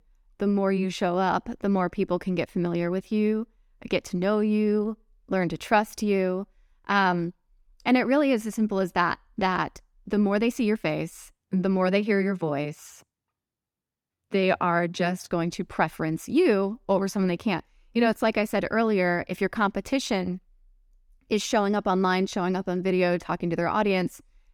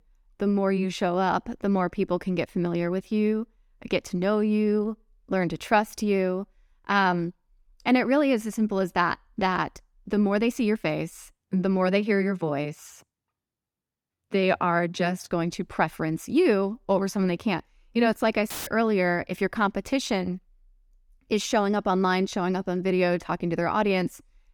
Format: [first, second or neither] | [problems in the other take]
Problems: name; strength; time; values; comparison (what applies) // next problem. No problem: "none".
first | audio cutting out; filled with static; at 19 s